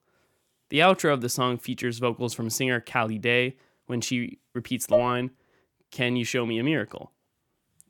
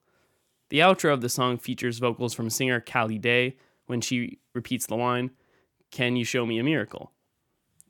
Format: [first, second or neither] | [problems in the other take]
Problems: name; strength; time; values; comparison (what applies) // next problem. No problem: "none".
second | clattering dishes; loud; at 5 s; peak 1 dB above the speech